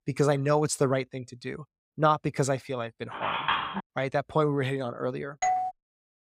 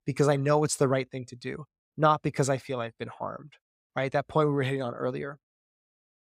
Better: second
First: phone ringing; loud; at 3 s; peak 1 dB above the speech // doorbell; loud; at 5.5 s; peak 1 dB above the speech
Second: none

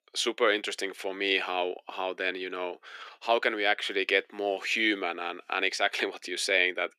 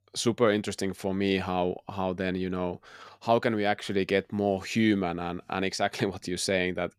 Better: second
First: thin; somewhat; fading below 300 Hz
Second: none

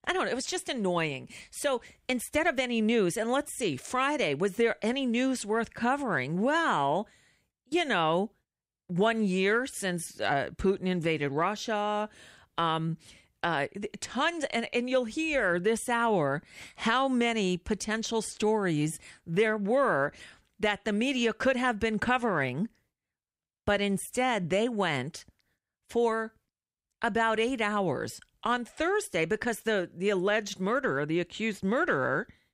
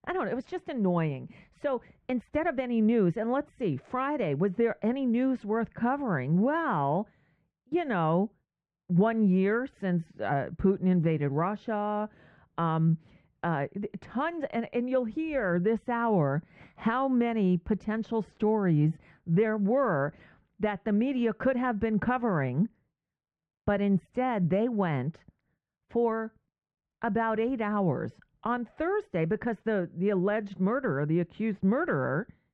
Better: first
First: none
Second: muffled; very; fading above 1.5 kHz

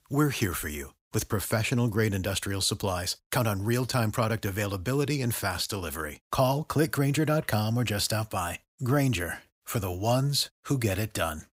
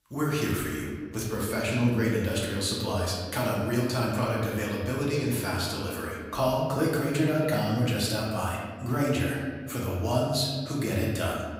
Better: first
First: none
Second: room echo; noticeable; dies away in 1.6 s // off-mic speech; far

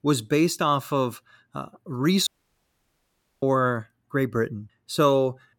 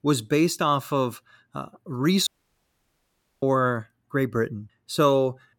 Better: neither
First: audio cutting out; at 2.5 s for 1 s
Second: audio cutting out; at 2.5 s for 1 s

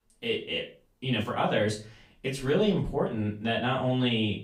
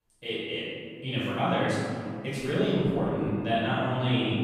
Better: first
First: room echo; slight; dies away in 0.3 s // off-mic speech; far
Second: room echo; strong; dies away in 2.7 s // off-mic speech; far

